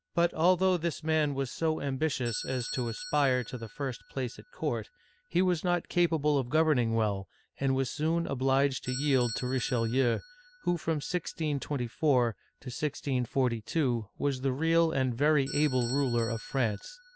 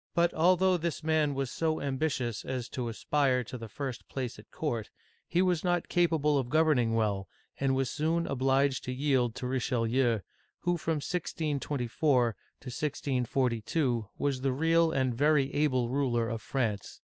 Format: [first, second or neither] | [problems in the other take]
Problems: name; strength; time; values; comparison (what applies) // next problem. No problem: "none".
second | background sound (Bell / Doorbell); 18 dB below the speech